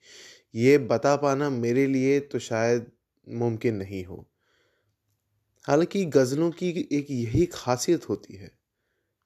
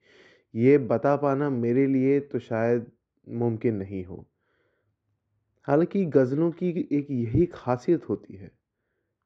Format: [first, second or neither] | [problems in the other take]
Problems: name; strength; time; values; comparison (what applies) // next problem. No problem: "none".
first | muffled; very; fading above 2 kHz